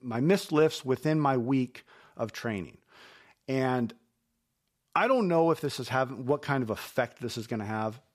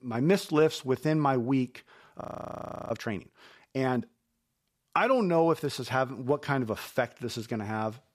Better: first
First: none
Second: audio freezing; at 2 s for 0.5 s

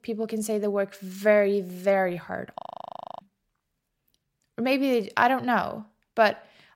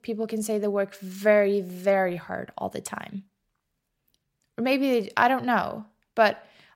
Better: second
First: audio freezing; at 2.5 s for 0.5 s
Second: none

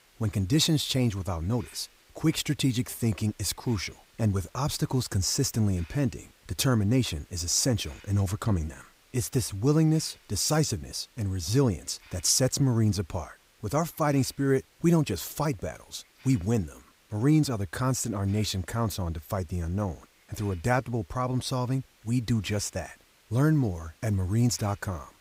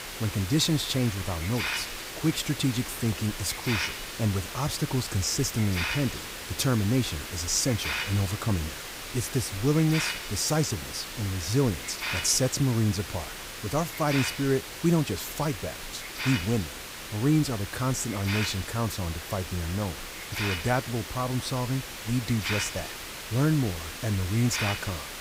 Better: first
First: hiss; faint; throughout; 30 dB below the speech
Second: hiss; loud; throughout; 6 dB below the speech

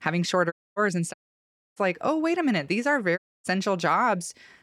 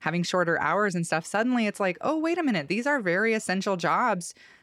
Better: second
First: audio cutting out; at 0.5 s, at 1 s for 0.5 s and at 3 s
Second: none

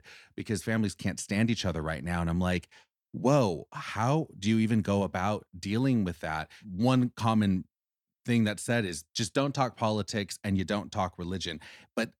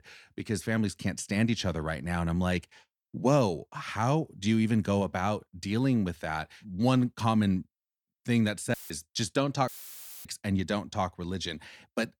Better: first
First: none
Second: audio cutting out; filled with static; at 8.5 s and at 9.5 s for 0.5 s

